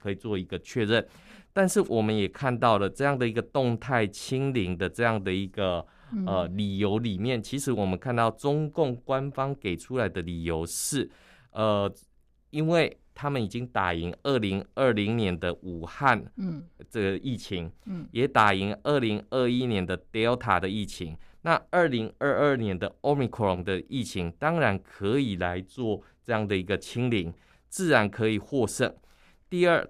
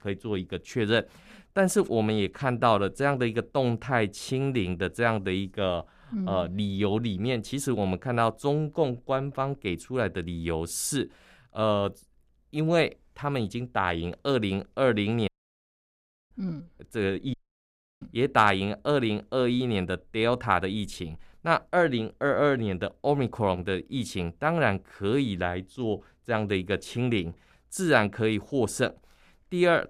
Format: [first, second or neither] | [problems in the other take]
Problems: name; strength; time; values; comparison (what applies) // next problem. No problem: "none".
first | audio cutting out; at 15 s for 1 s and at 17 s for 0.5 s